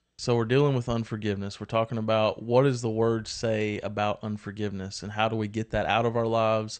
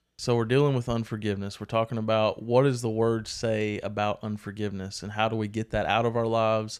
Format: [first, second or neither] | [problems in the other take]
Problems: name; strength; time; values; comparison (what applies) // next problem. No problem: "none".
second | garbled, watery; slightly; nothing above 8.5 kHz